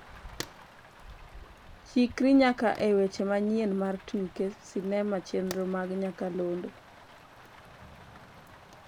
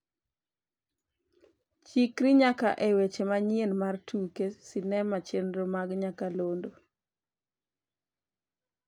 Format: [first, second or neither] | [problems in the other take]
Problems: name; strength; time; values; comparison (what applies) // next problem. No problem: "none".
second | background sound (Rain + Fire); 18 dB below the speech